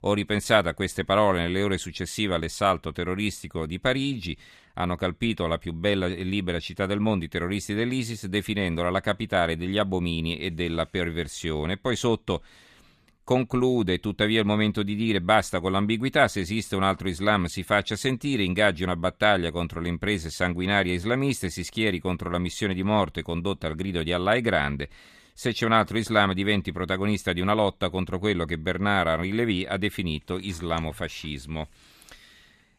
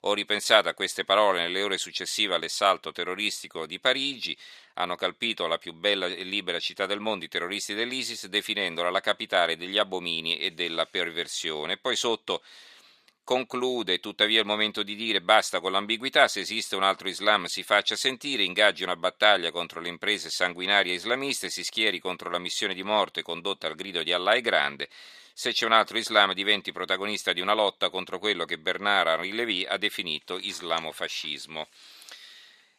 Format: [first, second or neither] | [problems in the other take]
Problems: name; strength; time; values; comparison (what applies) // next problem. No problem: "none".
first | thin; somewhat; fading below 450 Hz